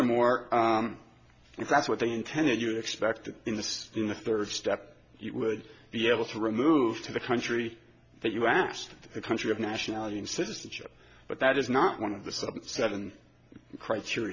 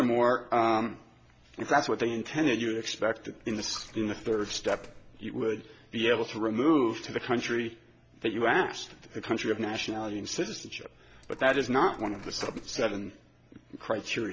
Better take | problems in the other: first | background sound (Coin (dropping)); 18 dB below the speech

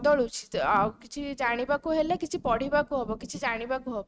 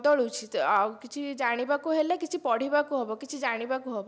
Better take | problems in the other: second | noise reduction (neural mask model RNNoise)

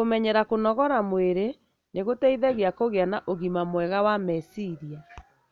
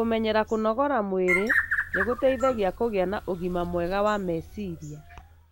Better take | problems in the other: first | background sound (Bird); 6 dB below the speech

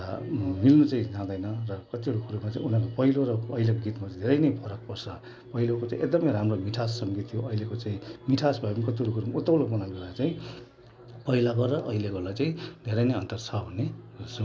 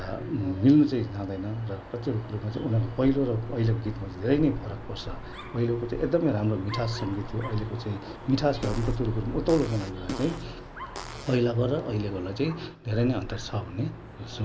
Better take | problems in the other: first | background sound (Fart + Dog); 12 dB below the speech

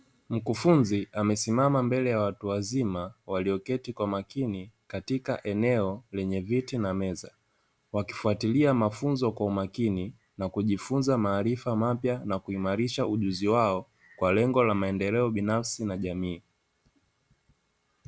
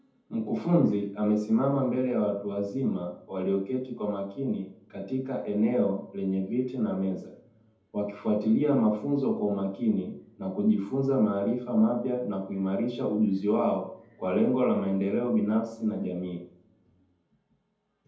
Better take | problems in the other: first | room echo; dies away in 0.6 s

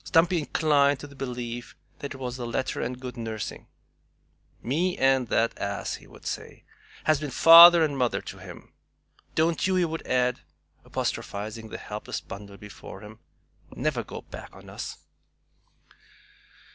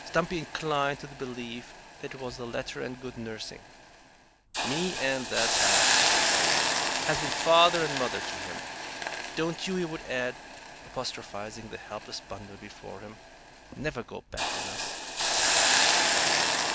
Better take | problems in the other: first | background sound (Hiss); 3 dB above the speech

